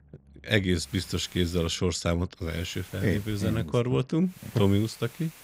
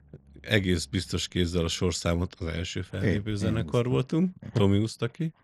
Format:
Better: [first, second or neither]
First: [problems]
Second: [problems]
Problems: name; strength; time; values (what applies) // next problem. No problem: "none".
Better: second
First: hiss; faint; at 1 s, from 2.5 to 3.5 s and from 4.5 s on; 20 dB below the speech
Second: none